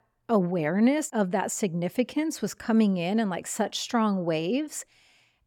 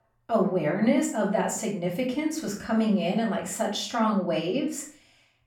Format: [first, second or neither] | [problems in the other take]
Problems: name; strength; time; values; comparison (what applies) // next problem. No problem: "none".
first | off-mic speech; far // room echo; slight; dies away in 0.4 s